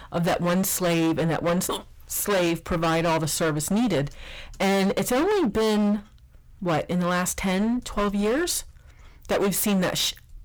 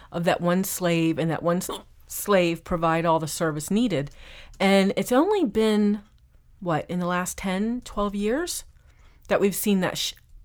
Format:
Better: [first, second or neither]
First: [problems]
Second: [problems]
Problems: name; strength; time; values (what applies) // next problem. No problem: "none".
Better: second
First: distortion; heavy; 23% of the sound clipped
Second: none